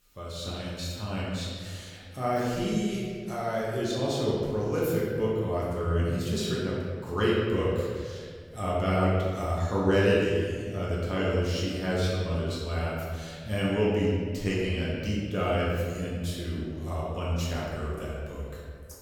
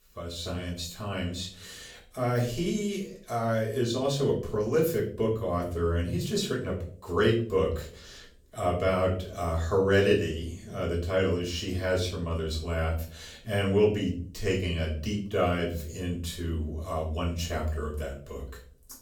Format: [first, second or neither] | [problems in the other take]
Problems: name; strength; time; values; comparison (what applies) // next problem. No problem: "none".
second | room echo; strong; dies away in 1.7 s; slight in the second // off-mic speech; far; far in the second